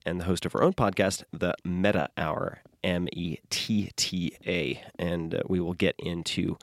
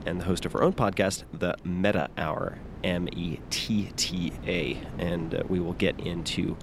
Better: first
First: none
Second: wind noise on the microphone; occasional gusts; 15 dB below the speech

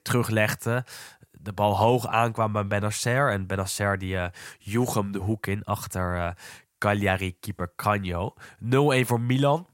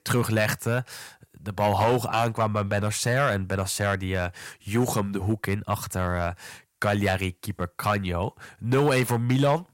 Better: first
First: none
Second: distortion; slight; 3% of the sound clipped

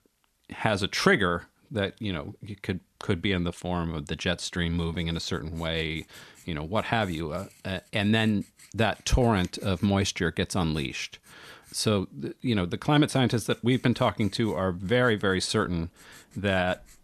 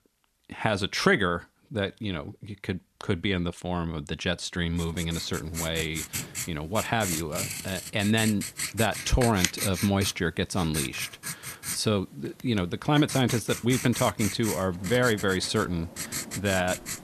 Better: first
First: household noises; faint; from 5 s on; 25 dB below the speech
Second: household noises; loud; from 5 s on; 6 dB below the speech

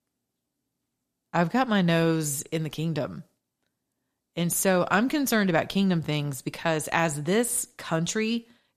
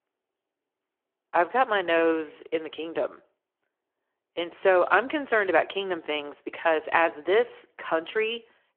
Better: first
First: none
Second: phone-call audio

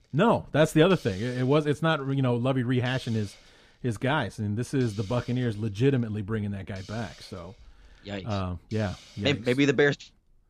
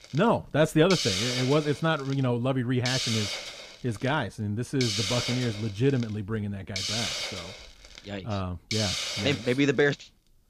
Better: first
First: hiss; faint; throughout; 25 dB below the speech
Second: hiss; loud; throughout; 3 dB below the speech

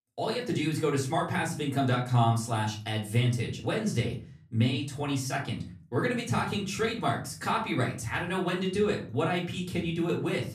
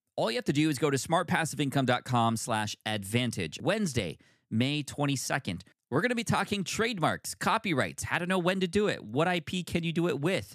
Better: second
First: room echo; slight; dies away in 0.4 s // off-mic speech; far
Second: none

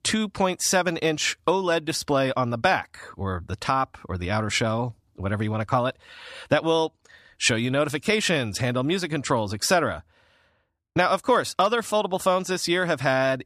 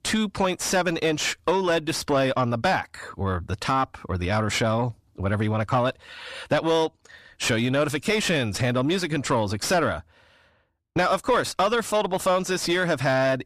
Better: first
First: none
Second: distortion; slight; 10 dB below the speech

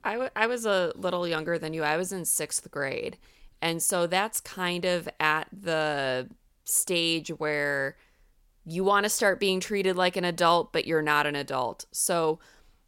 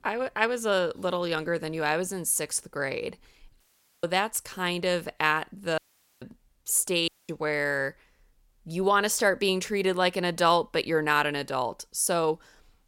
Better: first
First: none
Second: audio cutting out; at 3.5 s, at 6 s and at 7 s

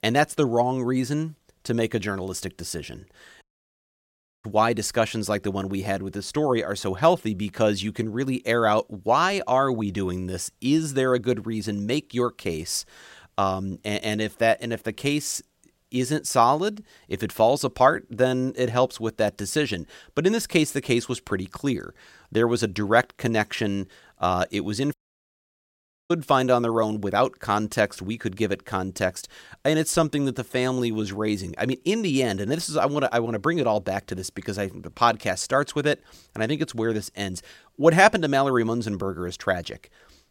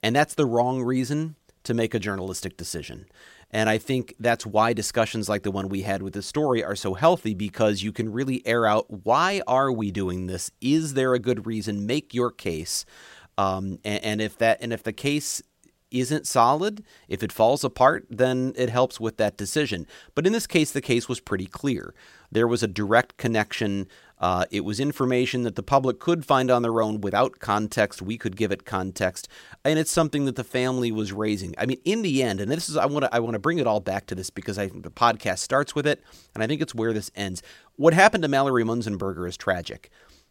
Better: second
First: audio cutting out; at 3.5 s for 1 s and at 25 s for 1 s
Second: none

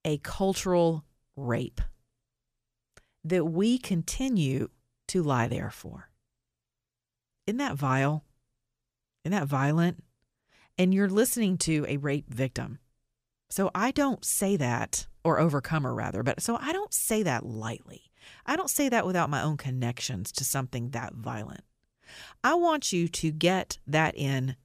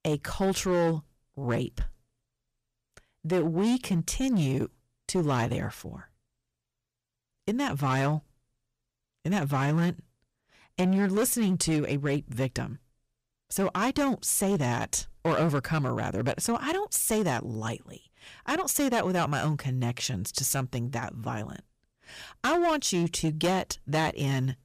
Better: first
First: none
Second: distortion; slight; 7% of the sound clipped

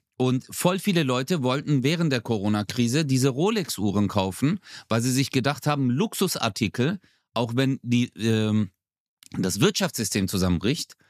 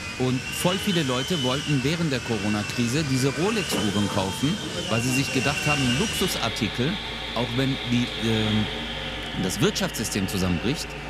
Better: first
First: none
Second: machinery noise; loud; throughout; 3 dB below the speech

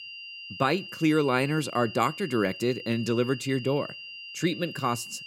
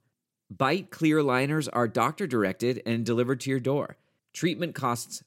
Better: second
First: high-pitched whine; noticeable; throughout; 3 kHz, 10 dB below the speech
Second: none

